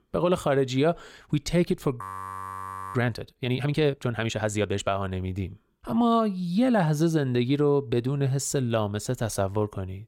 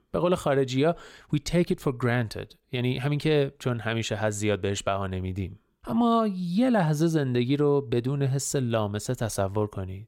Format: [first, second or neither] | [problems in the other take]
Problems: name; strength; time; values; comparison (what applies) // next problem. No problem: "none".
second | audio freezing; at 2 s for 1 s